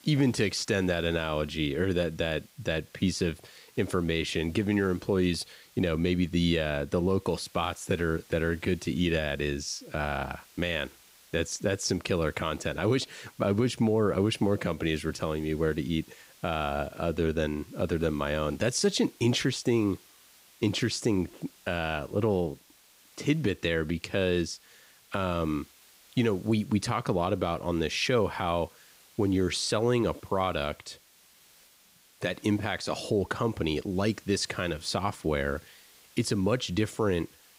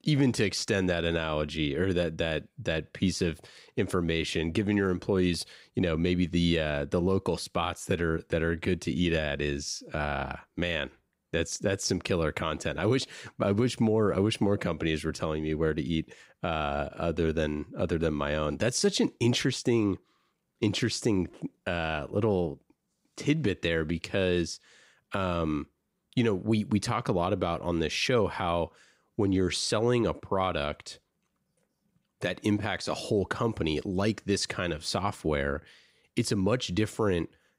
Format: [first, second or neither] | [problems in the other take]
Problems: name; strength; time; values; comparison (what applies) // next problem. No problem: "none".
second | hiss; faint; throughout; 25 dB below the speech